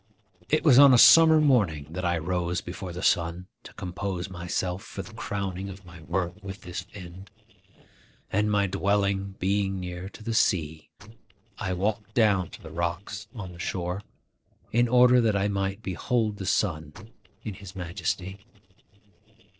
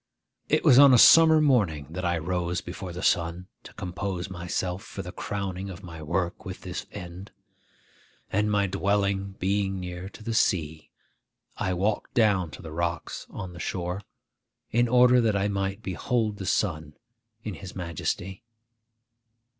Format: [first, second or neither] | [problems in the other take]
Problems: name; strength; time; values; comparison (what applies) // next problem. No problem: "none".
second | noise reduction (neural separator model SepFormer DNS4)